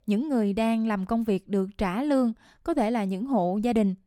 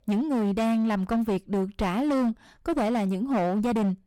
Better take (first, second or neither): first